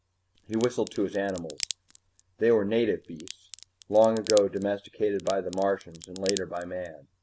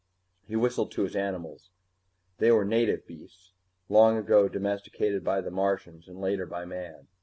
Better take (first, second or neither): second